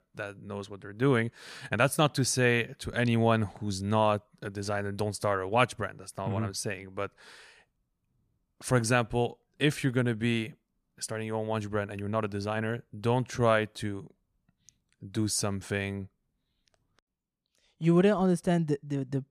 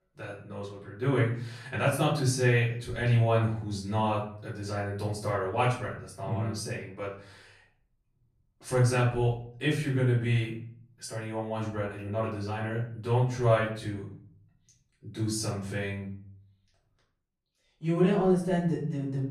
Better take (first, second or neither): first